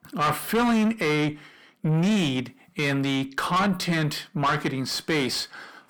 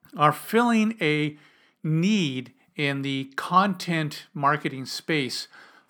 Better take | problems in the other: second | distortion; heavy; 6 dB below the speech

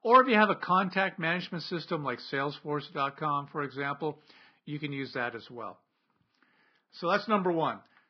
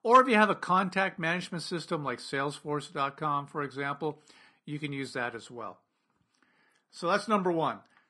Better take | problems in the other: second | garbled, watery; badly; nothing above 5 kHz; slightly in the second

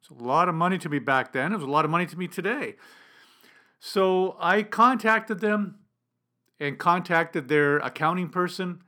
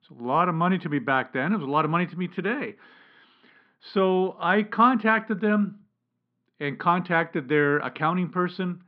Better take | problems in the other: first | muffled; slightly; fading above 4 kHz

